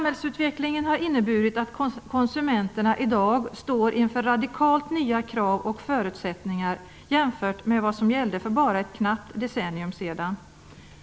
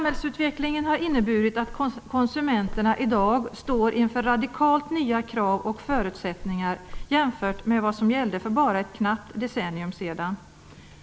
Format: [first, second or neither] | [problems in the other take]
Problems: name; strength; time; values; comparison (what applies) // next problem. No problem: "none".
first | background sound (Walk, footsteps); 12 dB below the speech